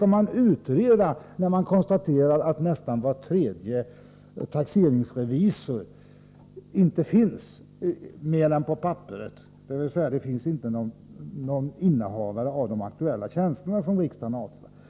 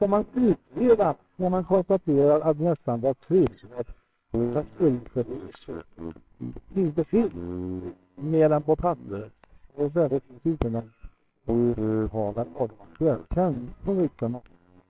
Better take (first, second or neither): first